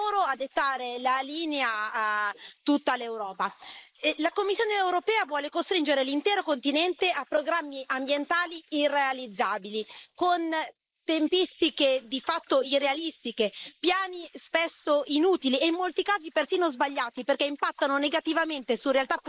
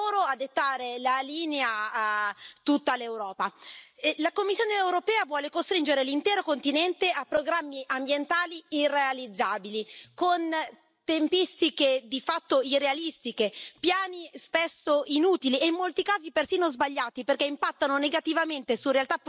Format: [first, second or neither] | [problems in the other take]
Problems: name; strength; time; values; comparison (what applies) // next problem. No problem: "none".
second | noise reduction (neural mask model Resemble Enhance denoiser)